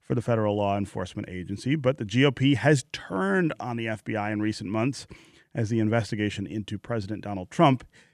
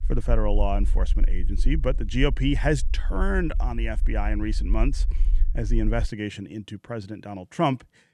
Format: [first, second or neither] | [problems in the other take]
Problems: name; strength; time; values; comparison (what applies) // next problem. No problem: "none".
first | low rumble; faint; until 6 s; 20 dB below the speech